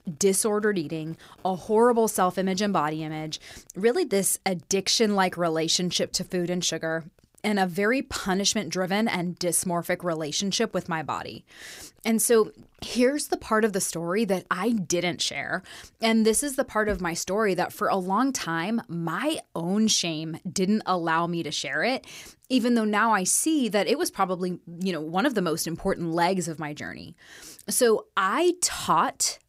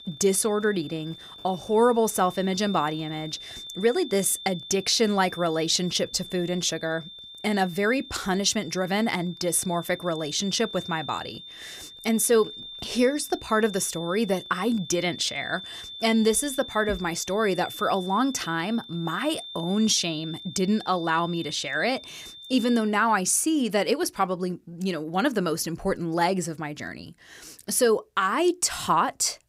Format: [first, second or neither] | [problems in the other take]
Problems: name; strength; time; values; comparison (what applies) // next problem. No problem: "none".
first | high-pitched whine; noticeable; until 23 s; 3.5 kHz, 15 dB below the speech